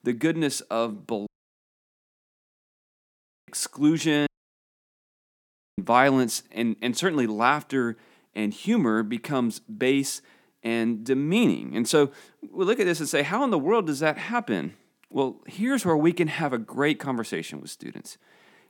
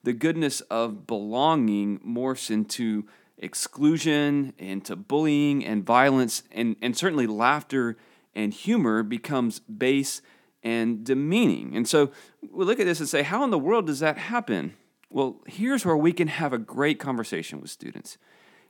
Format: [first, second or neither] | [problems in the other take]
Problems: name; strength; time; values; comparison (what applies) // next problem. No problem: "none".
second | audio cutting out; at 1.5 s for 2 s and at 4.5 s for 1.5 s